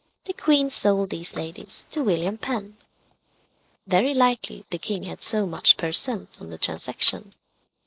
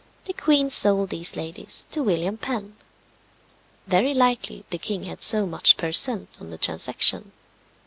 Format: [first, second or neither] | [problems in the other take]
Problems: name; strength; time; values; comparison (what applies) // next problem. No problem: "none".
second | noise reduction (neural mask model Resemble Enhance denoiser)